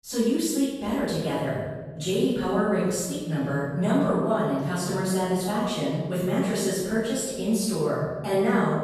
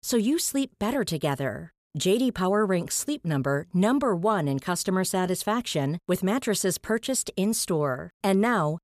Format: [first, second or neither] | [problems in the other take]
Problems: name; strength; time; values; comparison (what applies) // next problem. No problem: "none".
second | off-mic speech; far // room echo; strong; dies away in 1.5 s